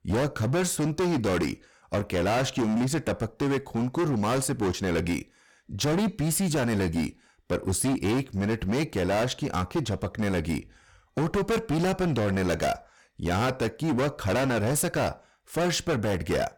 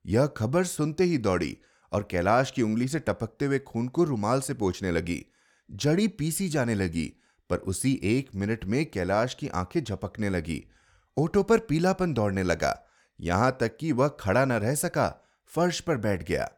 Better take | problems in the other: second | distortion; heavy; 23% of the sound clipped

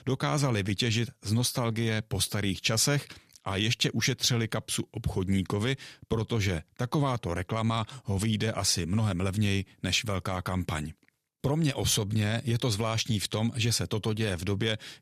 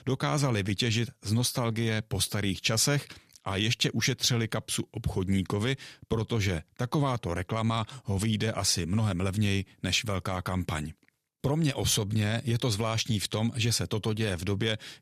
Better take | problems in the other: neither | none

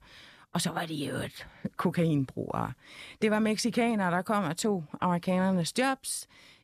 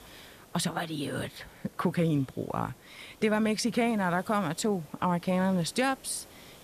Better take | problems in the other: first | hiss; faint; throughout; 25 dB below the speech

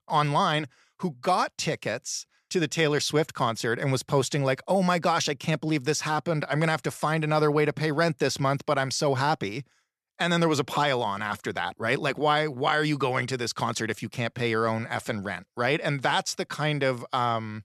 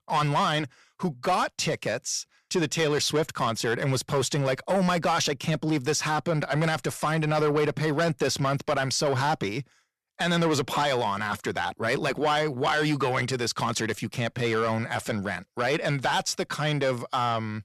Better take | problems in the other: first | distortion; slight; 10 dB below the speech

